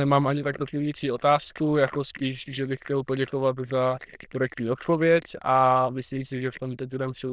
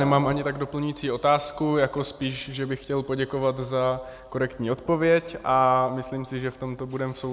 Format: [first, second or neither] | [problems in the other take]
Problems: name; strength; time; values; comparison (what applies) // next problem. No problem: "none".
second | noise reduction (neural diffusion model UNIVERSE++)